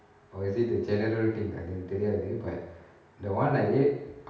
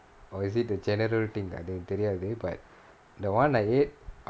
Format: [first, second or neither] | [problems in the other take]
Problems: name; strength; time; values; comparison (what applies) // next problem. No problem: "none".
second | room echo; dies away in 0.8 s